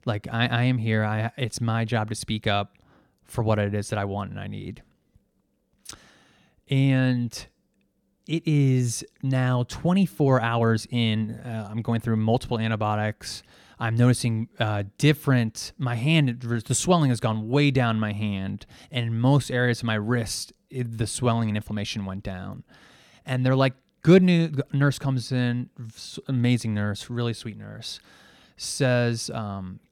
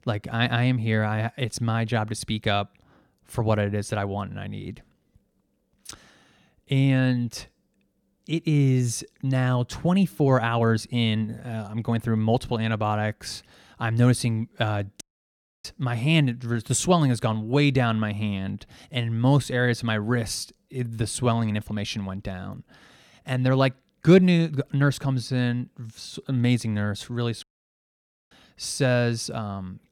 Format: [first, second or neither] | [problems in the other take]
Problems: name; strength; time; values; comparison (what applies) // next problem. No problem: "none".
first | audio cutting out; at 15 s for 0.5 s and at 27 s for 1 s